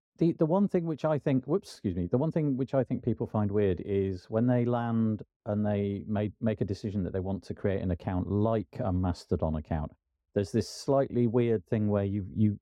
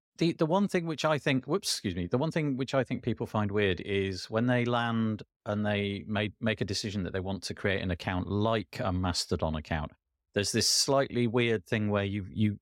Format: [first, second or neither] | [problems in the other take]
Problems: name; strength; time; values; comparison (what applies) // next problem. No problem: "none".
second | muffled; very; fading above 1 kHz